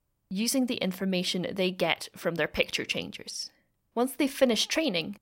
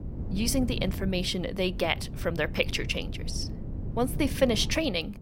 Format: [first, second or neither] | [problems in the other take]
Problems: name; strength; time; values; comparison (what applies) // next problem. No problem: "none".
first | wind noise on the microphone; occasional gusts; 15 dB below the speech